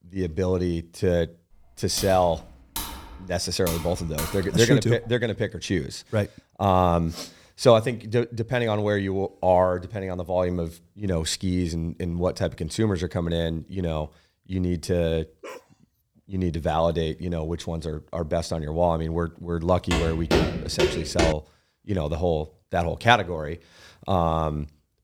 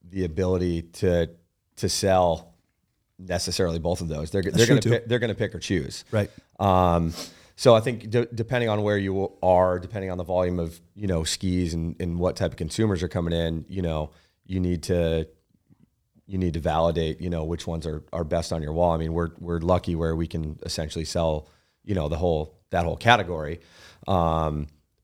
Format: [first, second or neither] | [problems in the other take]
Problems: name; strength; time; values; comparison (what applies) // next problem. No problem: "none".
second | keyboard typing; noticeable; from 2 to 5 s; peak 7 dB below the speech // dog barking; faint; at 15 s; peak 15 dB below the speech // footsteps; loud; from 20 to 21 s; peak 2 dB above the speech